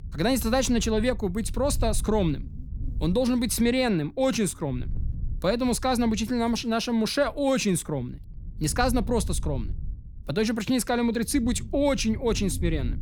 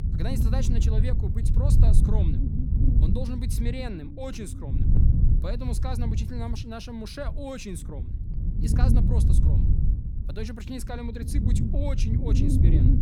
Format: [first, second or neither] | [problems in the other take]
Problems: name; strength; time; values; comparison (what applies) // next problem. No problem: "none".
first | wind noise on the microphone; heavy; as loud as the speech; occasional gusts in the first